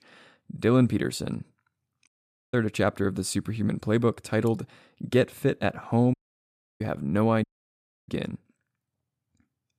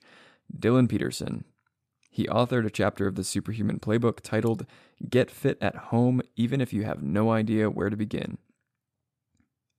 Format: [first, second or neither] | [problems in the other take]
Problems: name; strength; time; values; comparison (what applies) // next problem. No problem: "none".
second | audio cutting out; at 2 s, at 6 s for 0.5 s and at 7.5 s for 0.5 s